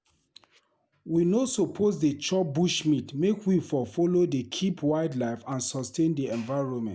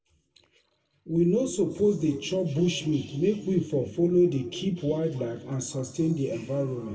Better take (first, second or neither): first